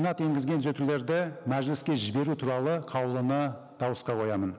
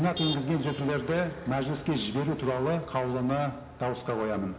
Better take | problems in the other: first | background sound (Motor vehicle (road)); 13 dB below the speech // room echo; dies away in 0.8 s

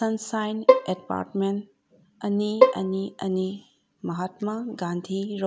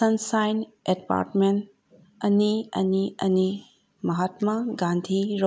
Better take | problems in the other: second | background sound (Bowed string instrument); 3 dB above the speech

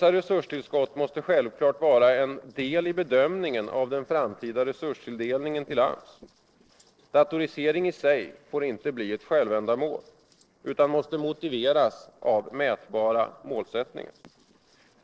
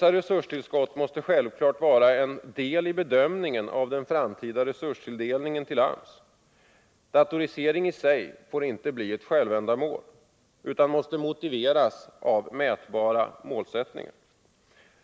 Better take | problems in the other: second | noise reduction (neural separator model SepFormer DNS4)

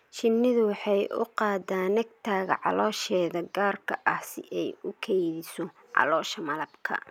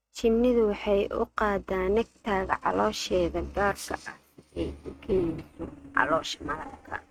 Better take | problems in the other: first | noise reduction (neural mask model RNNoise)

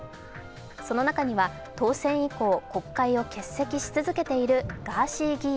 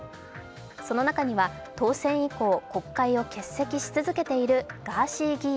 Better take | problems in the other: second | background sound (Thump, thud); 19 dB below the speech

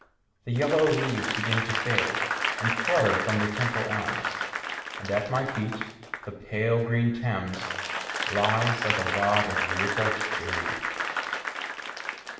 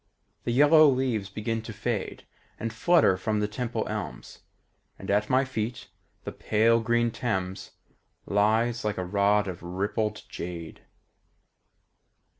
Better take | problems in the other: second | background sound (Applause / Crowd); 1 dB below the speech // room echo; dies away in 1 s

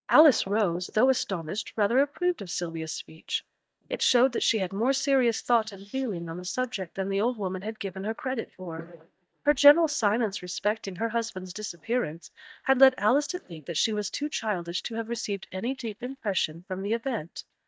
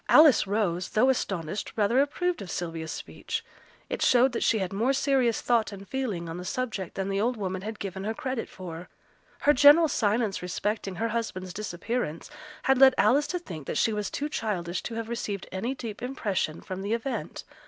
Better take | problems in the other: second | noise reduction (neural mask model DeepFilterNet 3)

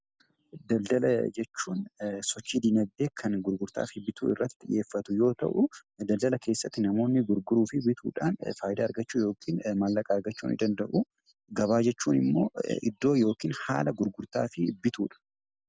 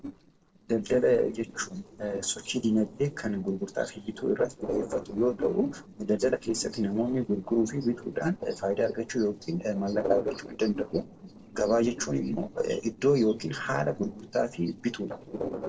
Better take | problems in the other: first | noise reduction (neural separator model SepFormer DNS4)

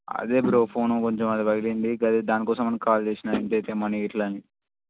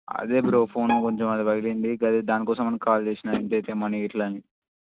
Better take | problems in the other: first | noise reduction (neural mask model RNNoise)

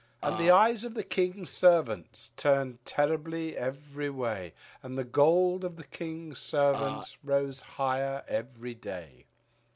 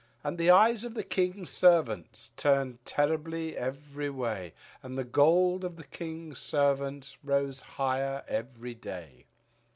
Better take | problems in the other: second | background sound (Burping, eructation); 6 dB below the speech

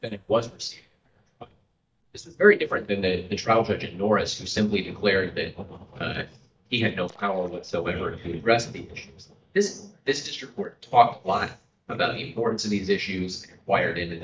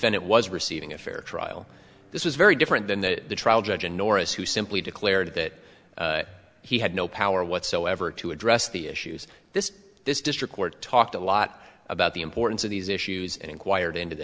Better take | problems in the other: second | noise reduction (neural mask model DeepFilterNet 3)

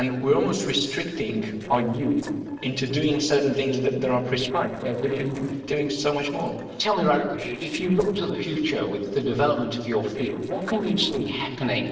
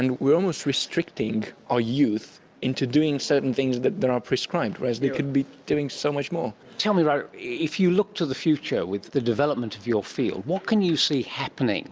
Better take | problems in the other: second | noise reduction (neural separator model SepFormer DNS4)

